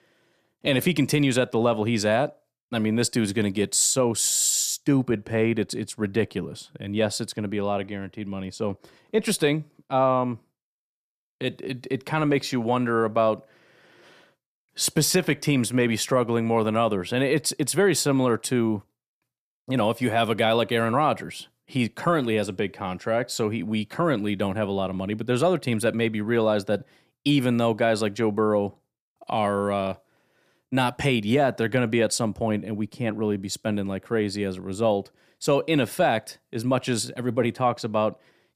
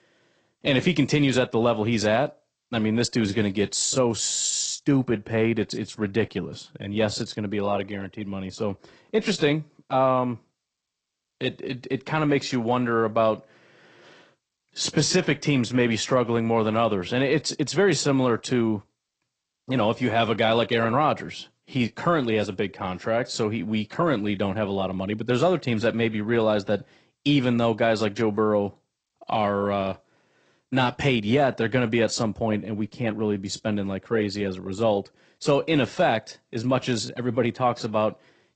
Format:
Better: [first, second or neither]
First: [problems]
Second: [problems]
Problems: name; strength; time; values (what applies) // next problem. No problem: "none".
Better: first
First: none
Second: garbled, watery; slightly; nothing above 8 kHz